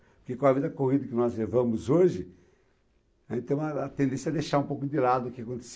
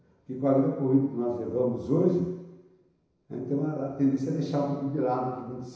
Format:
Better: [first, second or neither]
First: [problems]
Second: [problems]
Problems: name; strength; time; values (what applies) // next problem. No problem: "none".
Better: first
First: none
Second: room echo; dies away in 1 s